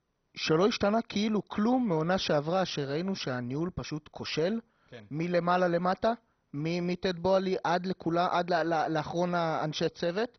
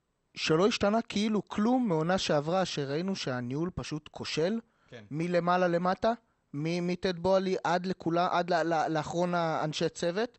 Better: second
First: garbled, watery; badly; nothing above 6 kHz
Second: garbled, watery; slightly; nothing above 8 kHz

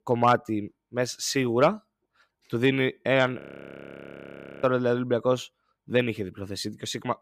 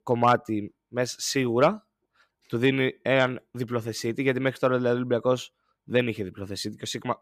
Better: second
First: audio freezing; at 3.5 s for 1 s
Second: none

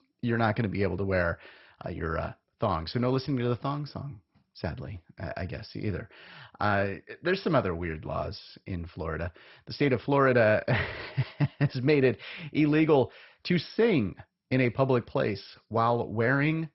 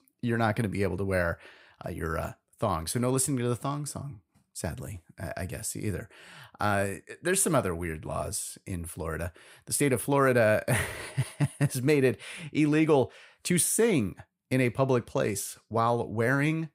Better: second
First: garbled, watery; badly; nothing above 5.5 kHz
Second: none

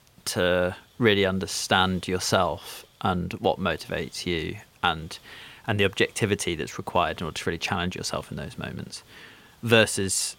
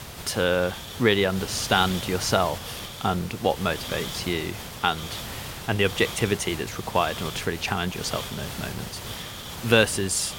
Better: first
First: hiss; faint; throughout; 30 dB below the speech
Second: hiss; loud; throughout; 10 dB below the speech

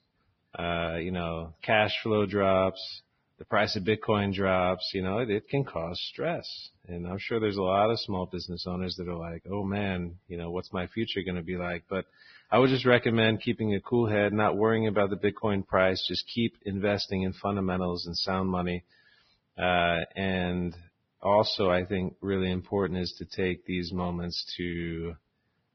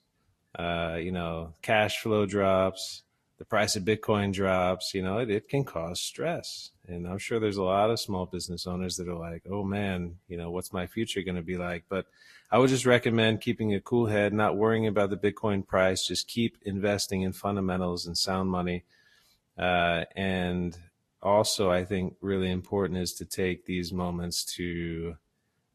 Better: second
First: garbled, watery; badly; nothing above 5 kHz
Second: garbled, watery; slightly; nothing above 12.5 kHz

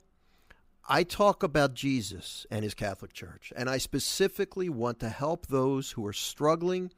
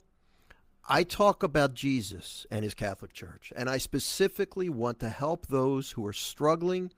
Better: first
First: none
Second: garbled, watery; slightly; nothing above 15.5 kHz

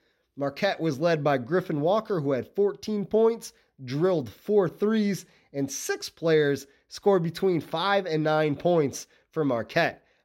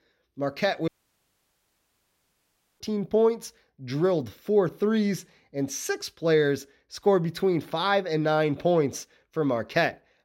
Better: first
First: none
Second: audio cutting out; at 1 s for 2 s

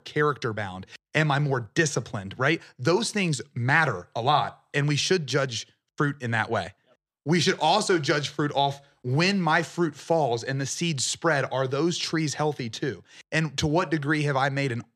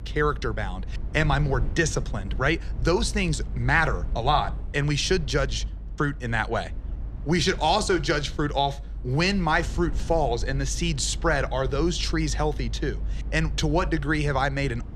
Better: first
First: none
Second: low rumble; faint; throughout; 25 dB below the speech

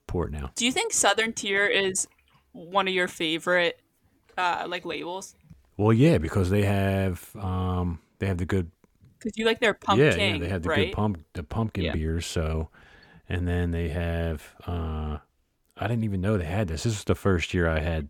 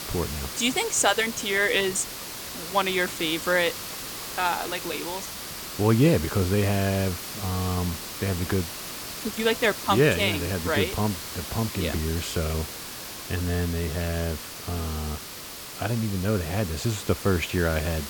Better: first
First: none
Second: hiss; loud; throughout; 8 dB below the speech

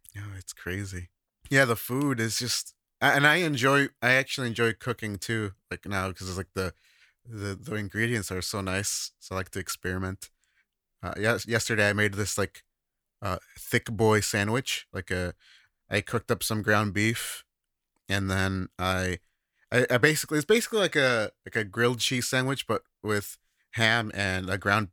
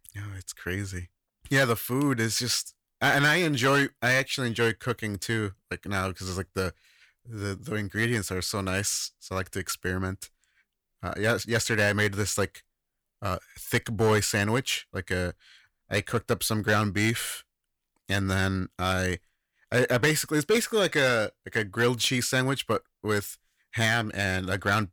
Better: first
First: none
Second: distortion; slight; 2% of the sound clipped

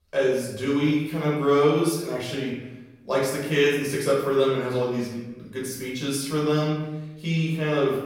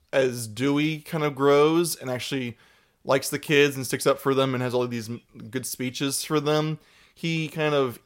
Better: second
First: room echo; noticeable; dies away in 0.9 s // off-mic speech; far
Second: none

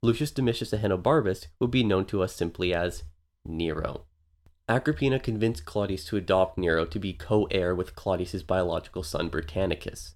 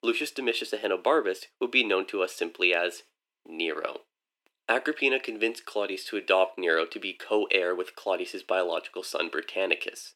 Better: first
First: none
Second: thin; somewhat; fading below 300 Hz

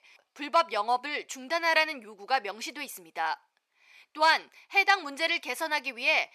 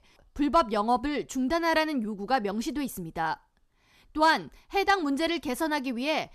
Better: second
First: thin; very; fading below 650 Hz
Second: none

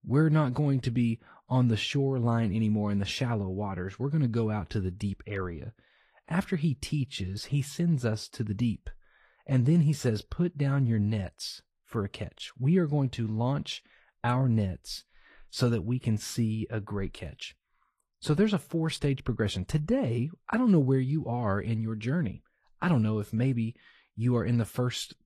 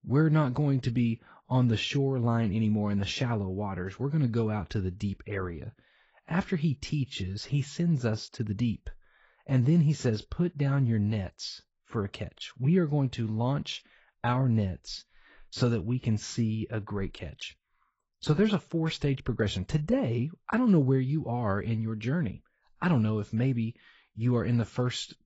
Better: first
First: garbled, watery; slightly; nothing above 14 kHz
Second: garbled, watery; badly; nothing above 7.5 kHz

